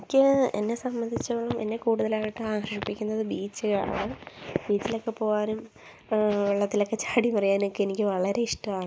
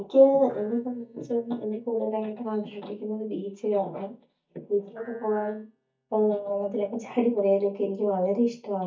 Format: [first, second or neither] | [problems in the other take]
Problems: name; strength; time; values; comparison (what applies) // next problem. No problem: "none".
first | noise reduction (neural mask model DeepFilterNet 3)